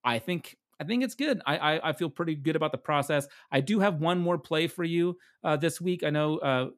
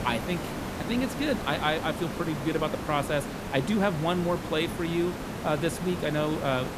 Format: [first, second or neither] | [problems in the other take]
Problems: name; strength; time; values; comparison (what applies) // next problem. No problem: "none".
first | hiss; loud; throughout; 6 dB below the speech